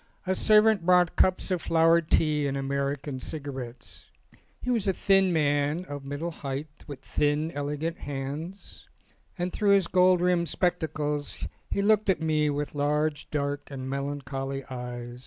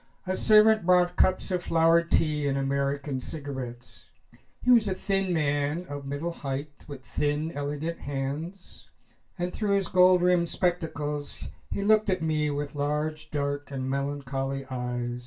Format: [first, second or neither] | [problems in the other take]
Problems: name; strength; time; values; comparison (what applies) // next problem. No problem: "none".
first | room echo; dies away in 0.2 s